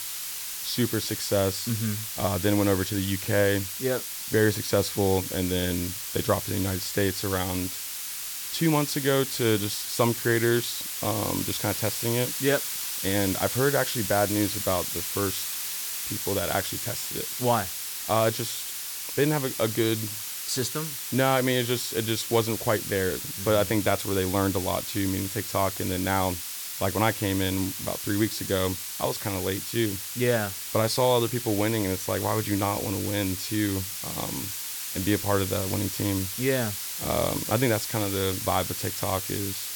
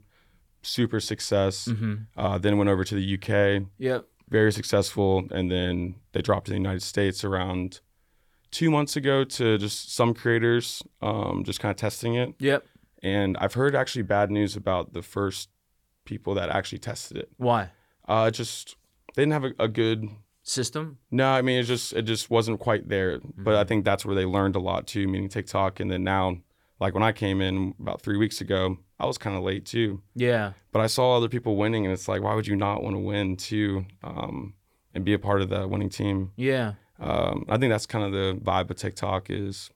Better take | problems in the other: second | hiss; loud; throughout; 4 dB below the speech

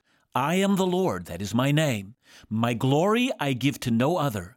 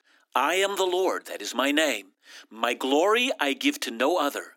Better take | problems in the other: first | thin; somewhat; fading below 300 Hz

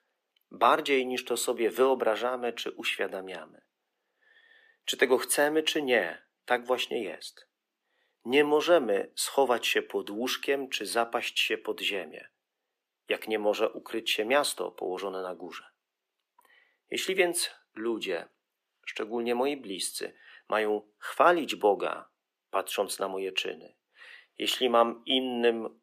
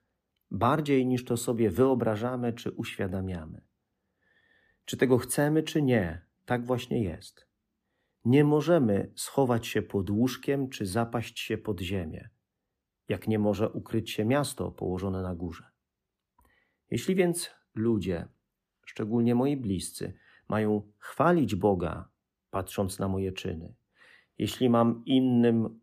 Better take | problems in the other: second | thin; somewhat; fading below 400 Hz

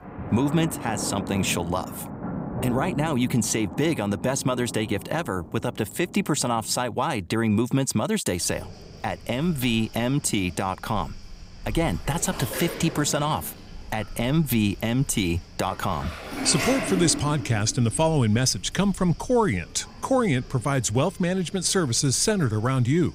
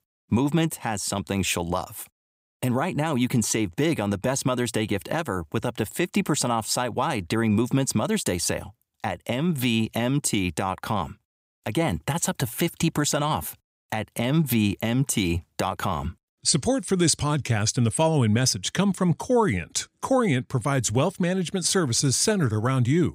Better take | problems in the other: second | rain or running water; noticeable; throughout; 10 dB below the speech

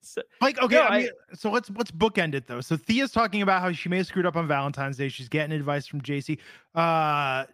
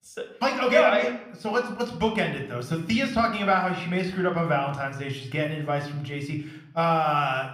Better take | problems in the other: first | room echo; slight; dies away in 0.6 s

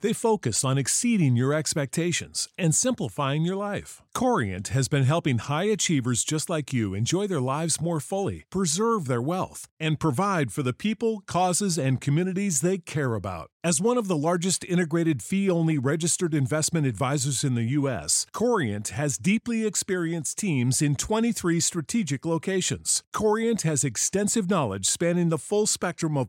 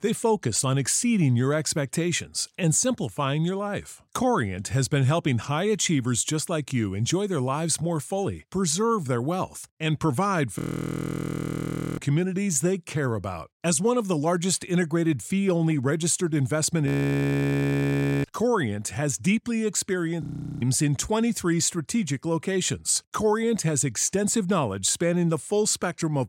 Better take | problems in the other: first | audio freezing; at 11 s for 1.5 s, at 17 s for 1.5 s and at 20 s

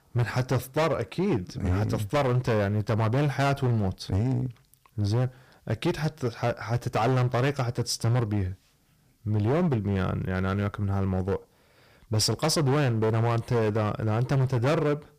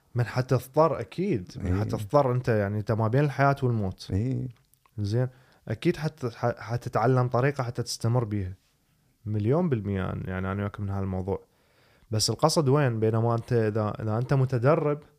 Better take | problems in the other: second | distortion; heavy; 15% of the sound clipped

